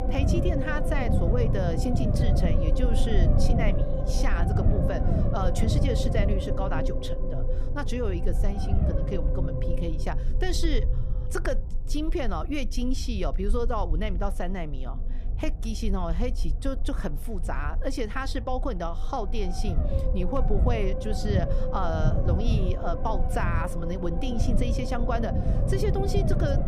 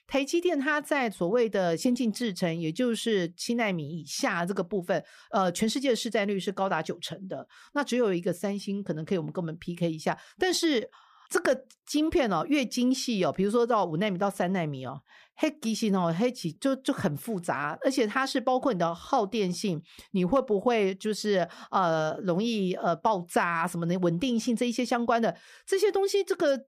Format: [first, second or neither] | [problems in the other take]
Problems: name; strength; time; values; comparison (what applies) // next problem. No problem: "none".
second | low rumble; loud; throughout; 2 dB below the speech